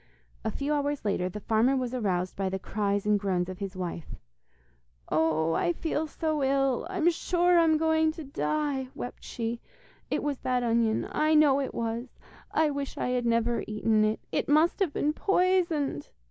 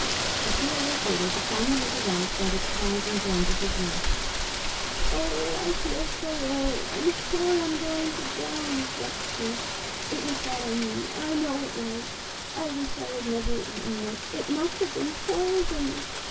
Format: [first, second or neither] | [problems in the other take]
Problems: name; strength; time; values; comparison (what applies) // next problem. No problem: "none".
first | background sound (Rain); as loud as the speech // room echo; dies away in 0.1 s